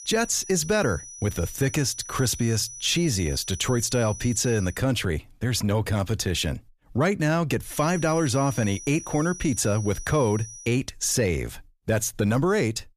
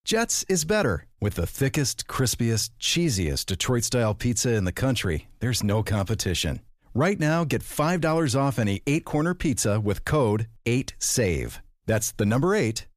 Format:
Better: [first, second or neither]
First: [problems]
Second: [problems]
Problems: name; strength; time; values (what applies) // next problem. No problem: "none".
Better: second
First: high-pitched whine; noticeable; until 4.5 s and from 7.5 to 11 s; 6 kHz, 15 dB below the speech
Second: none